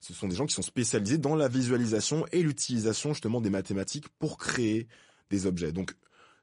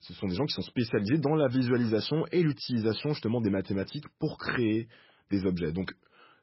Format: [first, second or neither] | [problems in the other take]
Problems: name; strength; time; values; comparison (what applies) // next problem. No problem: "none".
first | garbled, watery; badly; nothing above 5.5 kHz; slightly in the first